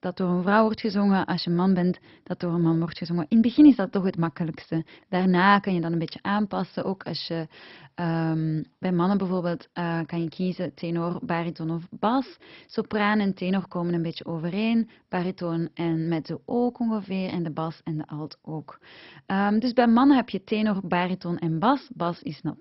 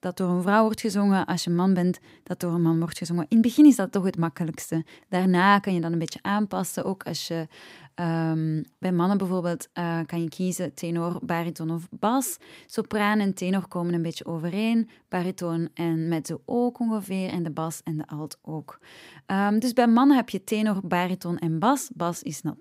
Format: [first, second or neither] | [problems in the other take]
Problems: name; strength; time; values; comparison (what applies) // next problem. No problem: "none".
second | garbled, watery; badly; nothing above 5.5 kHz